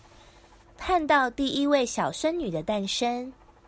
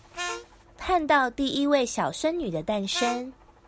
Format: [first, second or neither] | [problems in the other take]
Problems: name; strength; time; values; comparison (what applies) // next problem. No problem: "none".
first | background sound (Harmonica); 9 dB below the speech